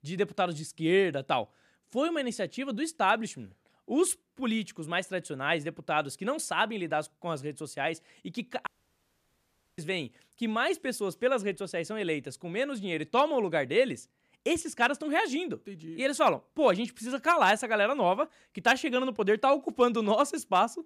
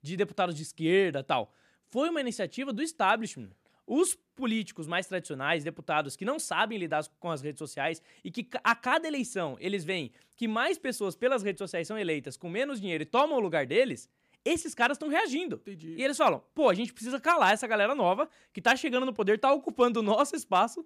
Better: second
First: audio cutting out; at 8.5 s for 1 s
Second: none

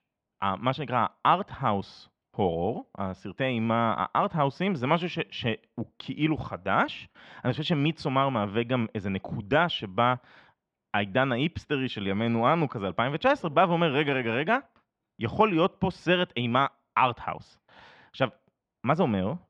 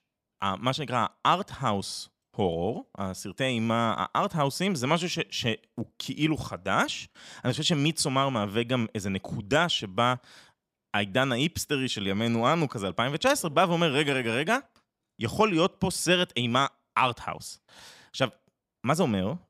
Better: second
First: muffled; very; fading above 3 kHz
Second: none

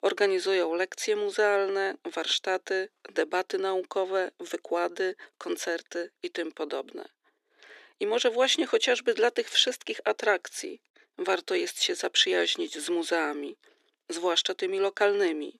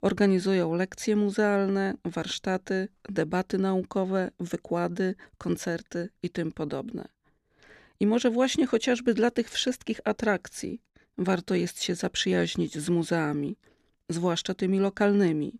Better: second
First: thin; very; fading below 350 Hz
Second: none

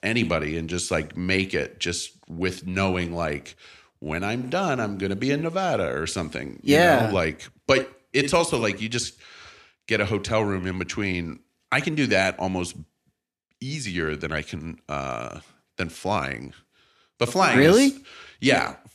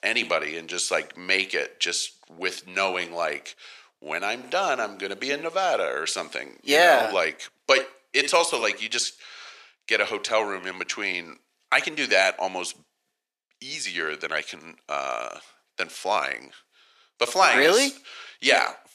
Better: first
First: none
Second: thin; very; fading below 600 Hz

